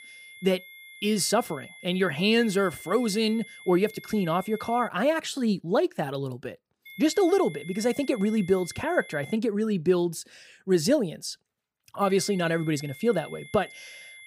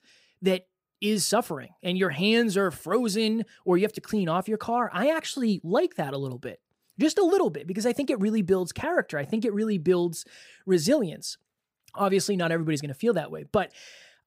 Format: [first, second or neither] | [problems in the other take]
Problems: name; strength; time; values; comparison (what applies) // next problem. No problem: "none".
second | high-pitched whine; noticeable; until 5 s, from 7 to 9.5 s and from 12 s on; 2 kHz, 20 dB below the speech